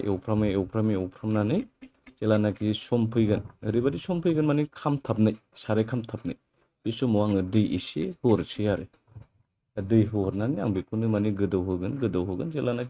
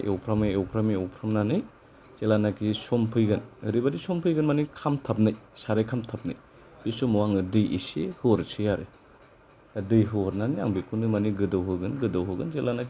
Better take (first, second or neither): second